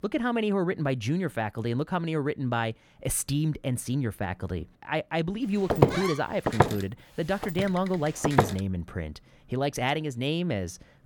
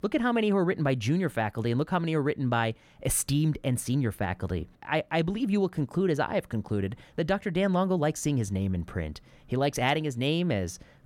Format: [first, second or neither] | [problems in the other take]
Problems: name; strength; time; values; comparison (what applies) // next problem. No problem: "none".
second | footsteps; loud; from 5.5 to 8.5 s; peak 5 dB above the speech